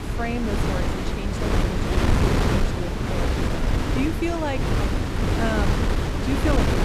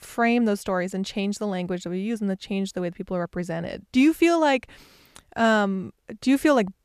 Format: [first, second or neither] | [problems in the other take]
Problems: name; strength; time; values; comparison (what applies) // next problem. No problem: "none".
second | wind noise on the microphone; heavy; 4 dB above the speech